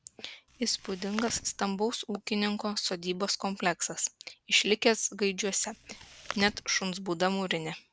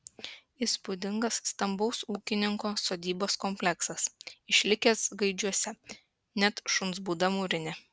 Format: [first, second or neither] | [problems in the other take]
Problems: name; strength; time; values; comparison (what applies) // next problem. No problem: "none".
second | background sound (Chewing, mastication); 14 dB below the speech